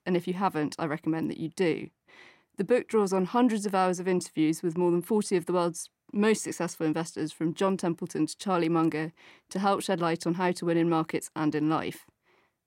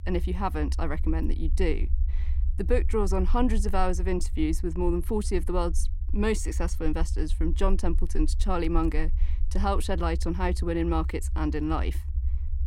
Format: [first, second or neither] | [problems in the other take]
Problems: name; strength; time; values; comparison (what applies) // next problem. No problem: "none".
first | low rumble; faint; throughout; 20 dB below the speech